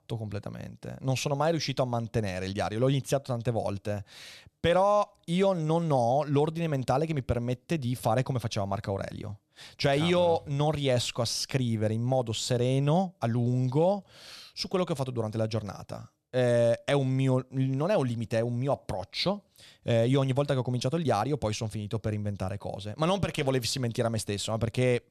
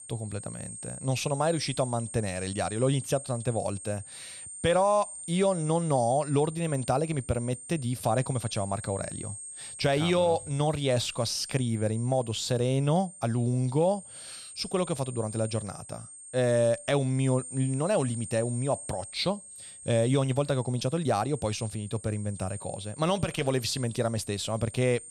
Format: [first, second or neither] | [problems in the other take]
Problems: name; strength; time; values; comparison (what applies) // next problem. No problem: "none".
first | high-pitched whine; noticeable; throughout; 8.5 kHz, 10 dB below the speech